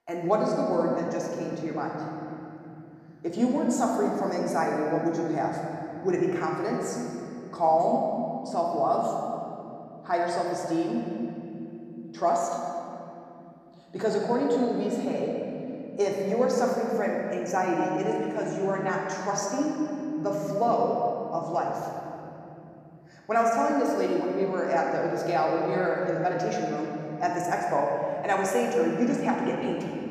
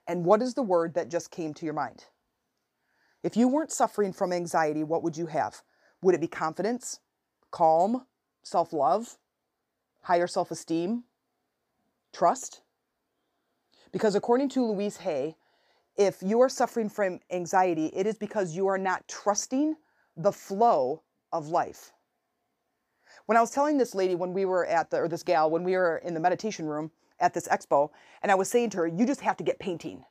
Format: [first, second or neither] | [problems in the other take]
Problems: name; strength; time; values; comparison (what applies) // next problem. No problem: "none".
second | room echo; noticeable; dies away in 3 s // off-mic speech; somewhat distant